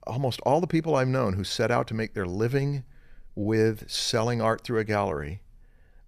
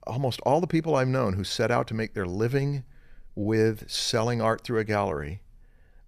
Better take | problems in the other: neither | none

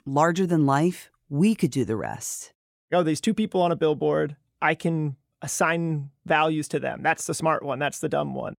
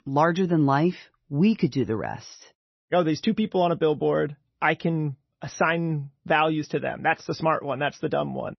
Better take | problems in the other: first | garbled, watery; slightly; nothing above 6 kHz

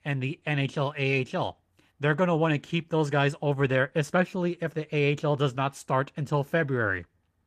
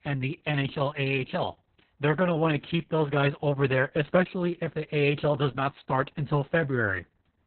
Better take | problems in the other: first | garbled, watery; badly; nothing above 3.5 kHz; slightly in the first

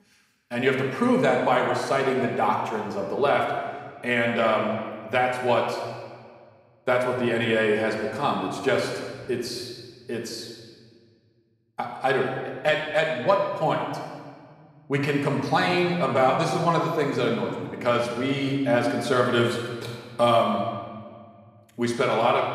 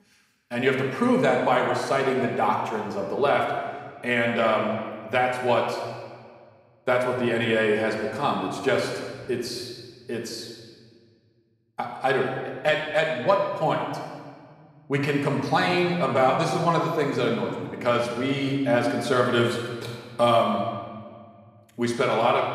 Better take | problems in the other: neither | room echo; noticeable; dies away in 1.4 s; the same in both // off-mic speech; somewhat distant; the same in both

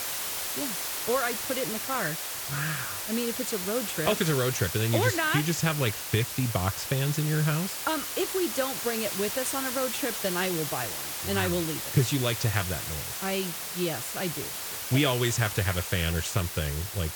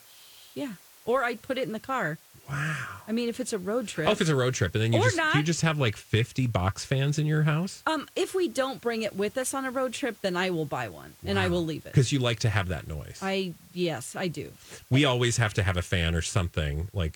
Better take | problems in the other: second | hiss; loud; throughout; 3 dB below the speech; faint in the second

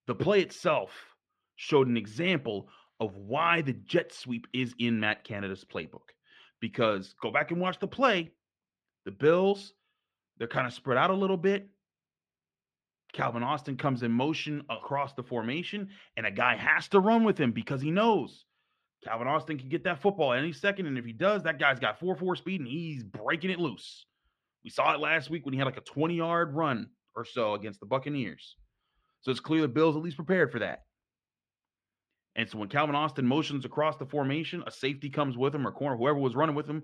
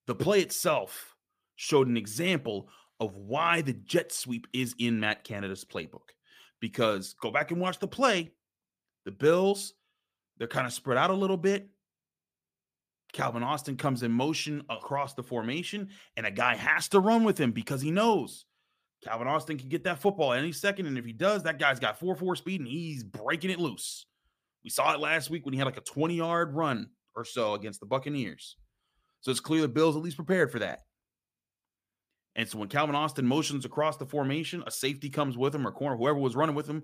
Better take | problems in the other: second | muffled; slightly; fading above 3 kHz

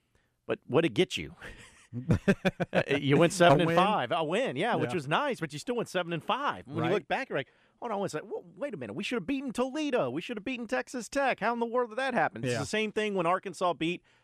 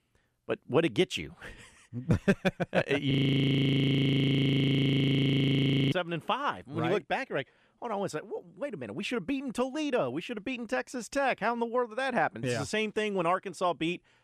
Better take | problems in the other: first | audio freezing; at 3 s for 3 s

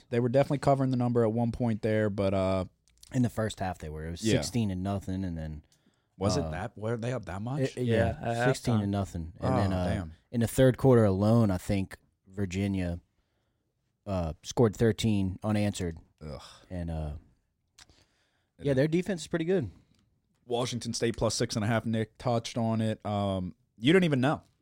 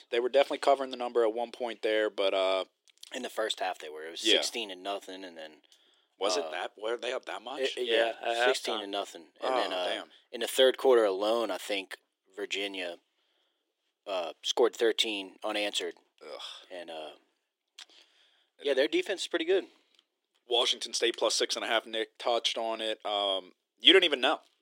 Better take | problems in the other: first | thin; very; fading below 350 Hz

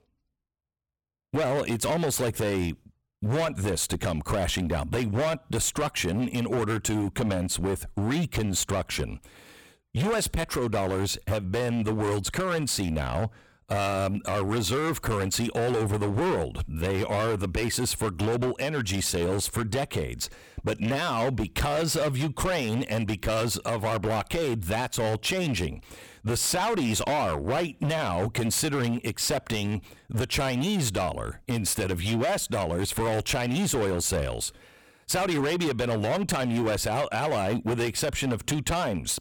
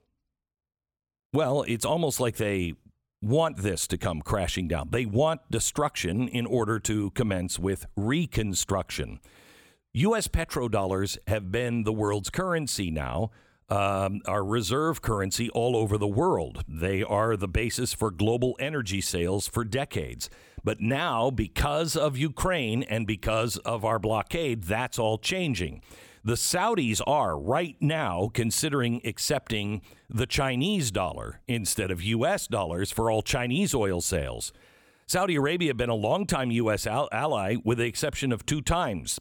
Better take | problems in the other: second | distortion; heavy; 19% of the sound clipped

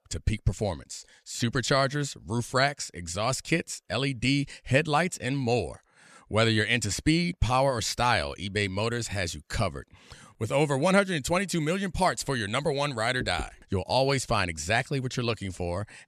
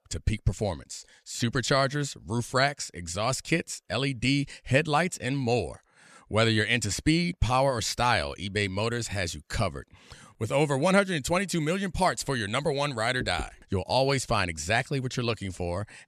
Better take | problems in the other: neither | none

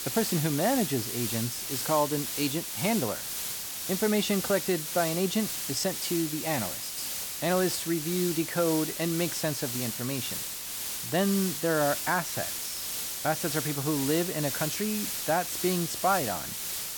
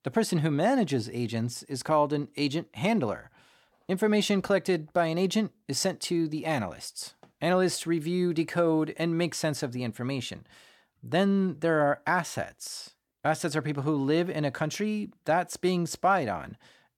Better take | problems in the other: second | hiss; loud; throughout; 2 dB below the speech

